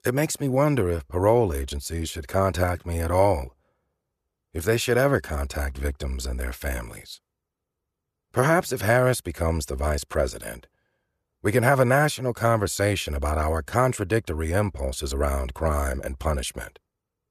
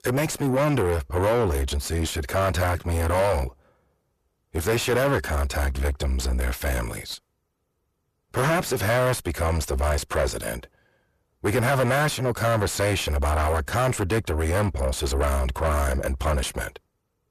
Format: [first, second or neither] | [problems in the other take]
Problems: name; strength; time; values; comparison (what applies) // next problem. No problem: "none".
first | distortion; heavy; 5 dB below the speech